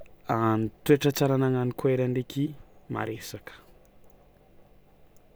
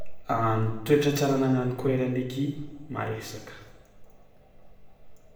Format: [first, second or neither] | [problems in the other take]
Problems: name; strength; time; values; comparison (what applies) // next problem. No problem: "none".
first | room echo; dies away in 0.9 s